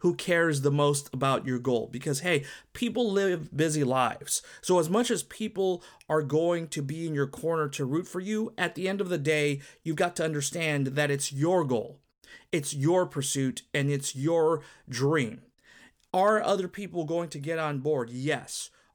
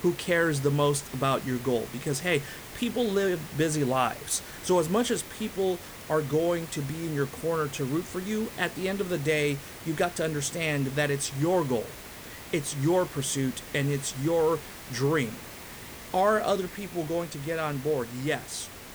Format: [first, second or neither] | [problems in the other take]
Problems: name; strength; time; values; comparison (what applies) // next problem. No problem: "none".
first | hiss; noticeable; throughout; 15 dB below the speech